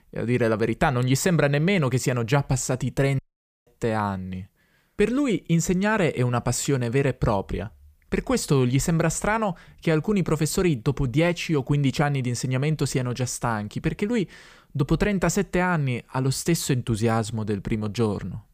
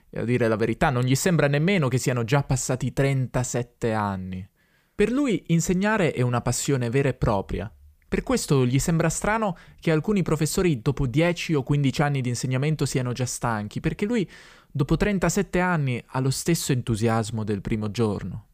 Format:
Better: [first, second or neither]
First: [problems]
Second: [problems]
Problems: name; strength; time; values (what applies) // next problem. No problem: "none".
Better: second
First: audio cutting out; at 3 s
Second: none